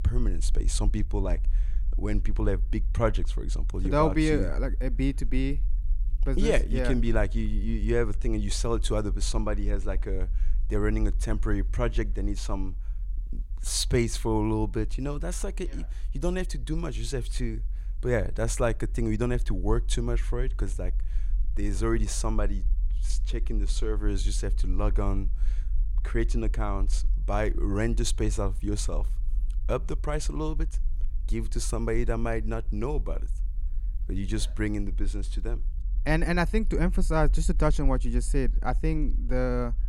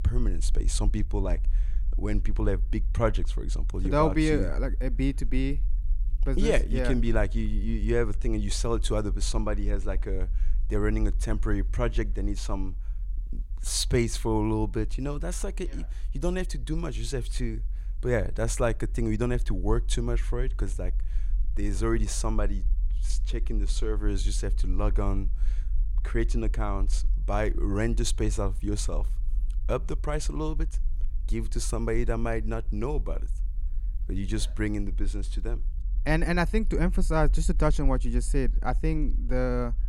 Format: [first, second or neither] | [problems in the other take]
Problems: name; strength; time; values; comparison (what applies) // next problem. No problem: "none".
neither | low rumble; faint; throughout; 25 dB below the speech; the same in both